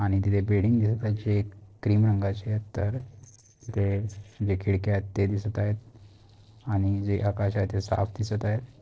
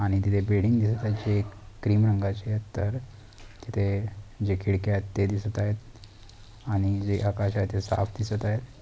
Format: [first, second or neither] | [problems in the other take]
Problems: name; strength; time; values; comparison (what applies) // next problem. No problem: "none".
second | noise reduction (neural separator model SepFormer DNS4)